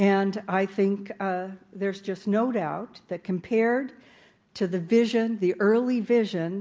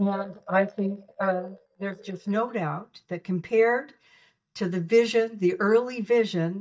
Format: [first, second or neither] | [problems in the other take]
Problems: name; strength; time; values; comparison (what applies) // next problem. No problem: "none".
first | noise reduction (neural mask model DeepFilterNet 3)